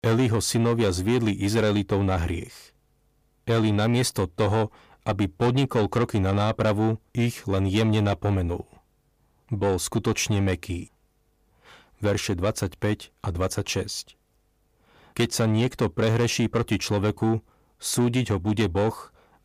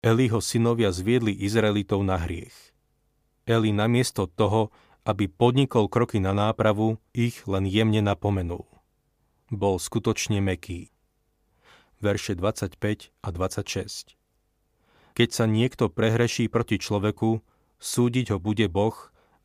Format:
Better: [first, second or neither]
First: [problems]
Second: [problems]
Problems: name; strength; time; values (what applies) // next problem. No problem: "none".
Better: second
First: distortion; slight; 10 dB below the speech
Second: none